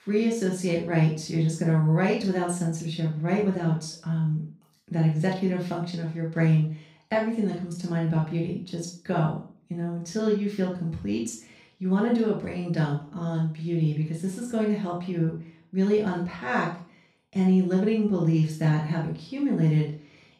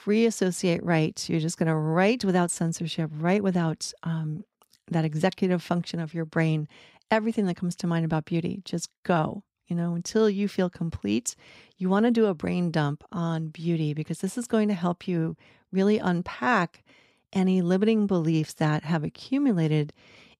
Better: second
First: off-mic speech; far // room echo; noticeable; dies away in 0.4 s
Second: none

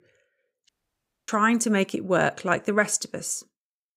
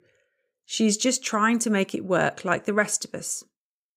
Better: second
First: audio cutting out; at 0.5 s for 0.5 s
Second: none

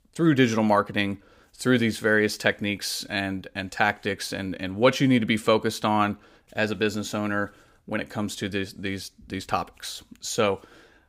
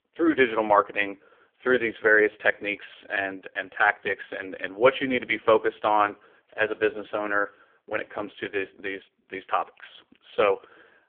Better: first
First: none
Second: phone-call audio; poor line

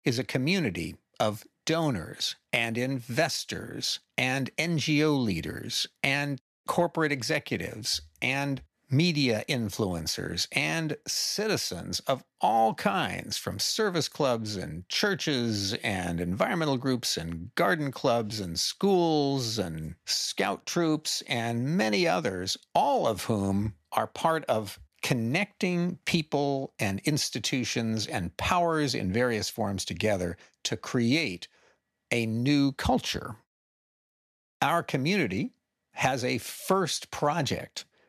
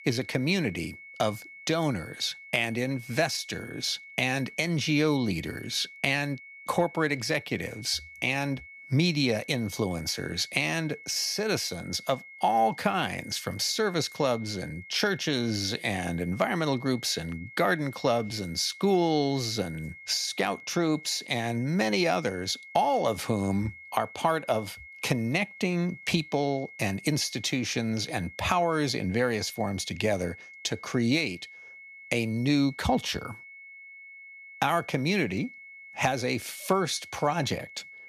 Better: first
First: none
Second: high-pitched whine; noticeable; throughout; 2 kHz, 15 dB below the speech

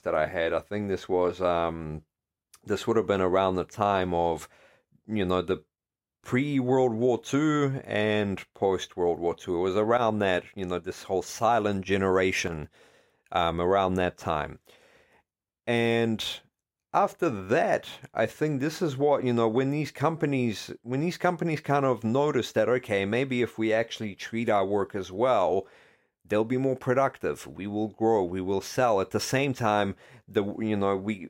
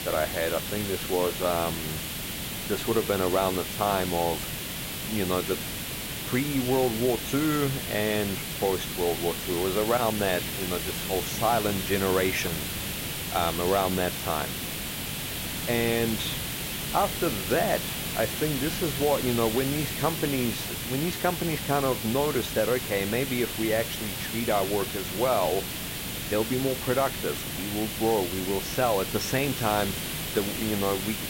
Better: first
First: none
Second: hiss; loud; throughout; 3 dB below the speech

